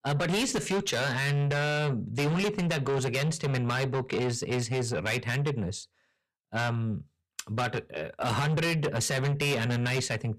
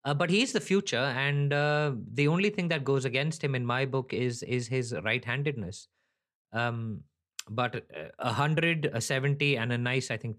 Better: second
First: distortion; heavy; 6 dB below the speech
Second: none

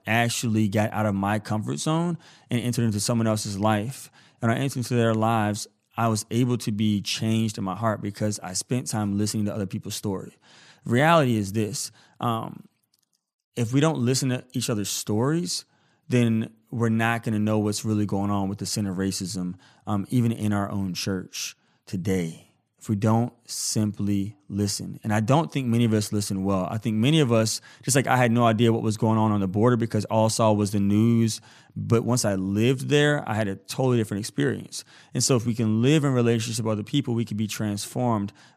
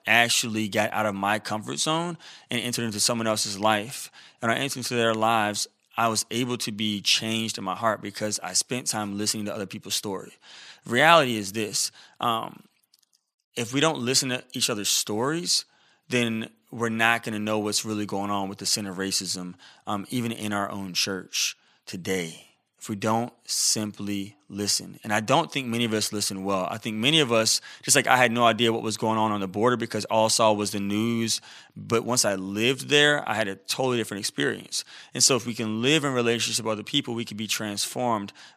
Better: first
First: none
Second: thin; somewhat; fading below 550 Hz

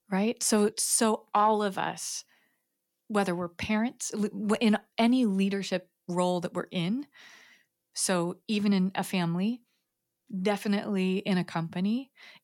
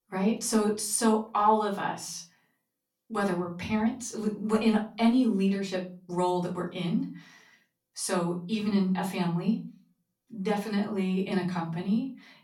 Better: first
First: none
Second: off-mic speech; far // room echo; slight; dies away in 0.4 s

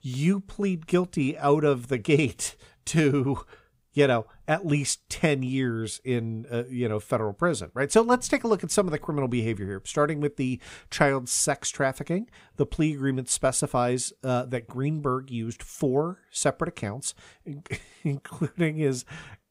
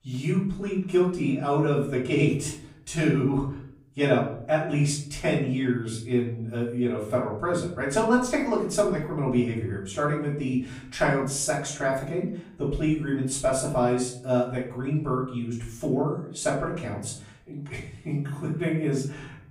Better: first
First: none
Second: off-mic speech; far // room echo; noticeable; dies away in 0.6 s

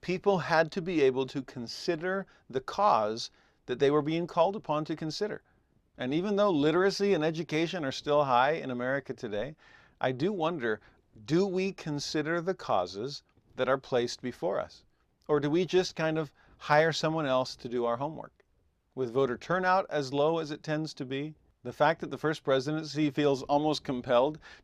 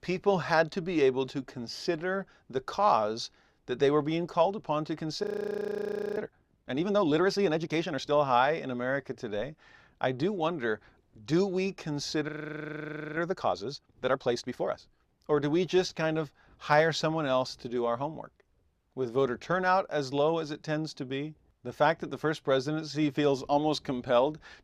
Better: first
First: none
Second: audio freezing; at 5 s for 1 s and at 12 s for 1 s

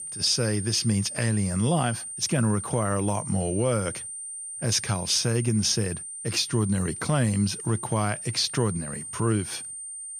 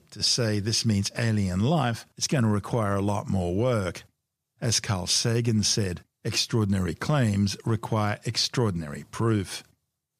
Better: second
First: high-pitched whine; loud; throughout; 9 kHz, 8 dB below the speech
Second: none

